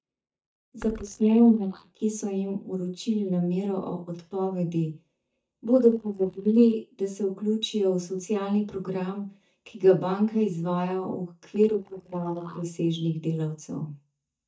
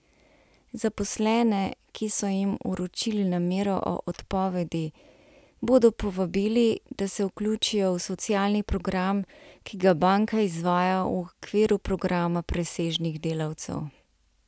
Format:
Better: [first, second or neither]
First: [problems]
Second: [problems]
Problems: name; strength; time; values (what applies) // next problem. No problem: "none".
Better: second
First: noise reduction (neural mask model DeepFilterNet 3)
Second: none